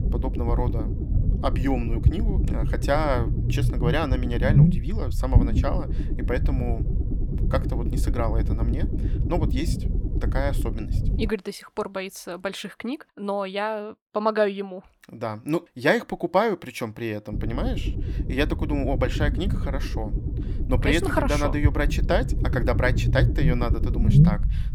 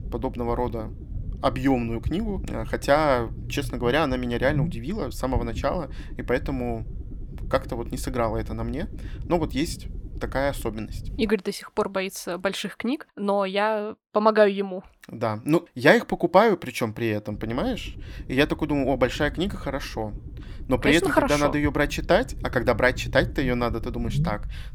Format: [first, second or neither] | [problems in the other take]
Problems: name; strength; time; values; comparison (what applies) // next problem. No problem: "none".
second | low rumble; loud; until 11 s and from 17 s on; 8 dB below the speech; faint in the second